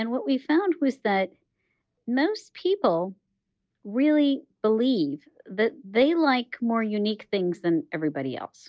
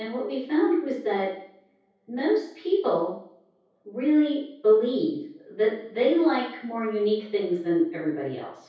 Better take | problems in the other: first | room echo; dies away in 0.6 s

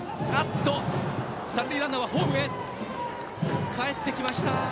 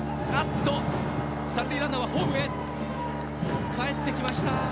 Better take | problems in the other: first | background sound (Bowed string instrument); 3 dB below the speech

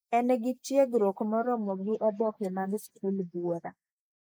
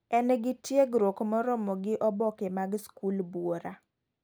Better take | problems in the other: second | noise reduction (neural mask model Resemble Enhance denoiser)

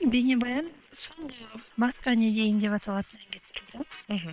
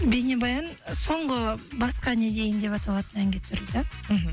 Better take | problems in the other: second | noise reduction (neural separator model SepFormer WHAM!)

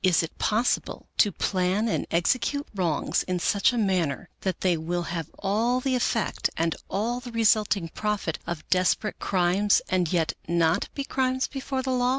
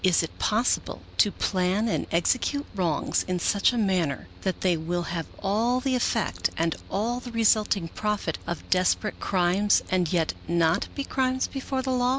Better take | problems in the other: first | background sound (Mechanical fan); 19 dB below the speech

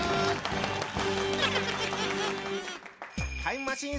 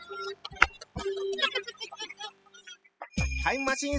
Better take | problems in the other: first | noise reduction (classical method spectral subtraction)

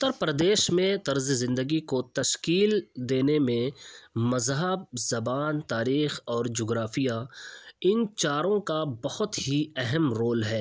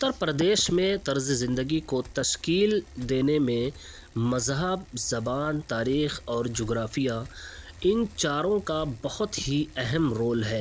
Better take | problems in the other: first | background sound (Bicycle); 19 dB below the speech

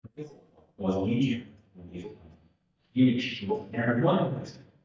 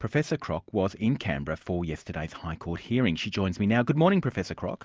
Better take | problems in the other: second | noise reduction (neural mask model DeepFilterNet 3)

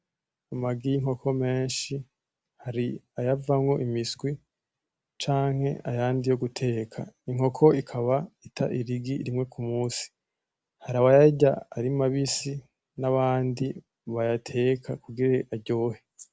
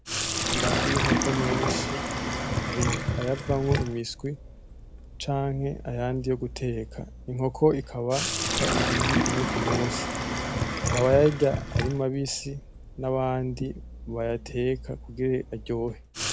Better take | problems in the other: first | background sound (Sink (filling or washing)); 1 dB below the speech

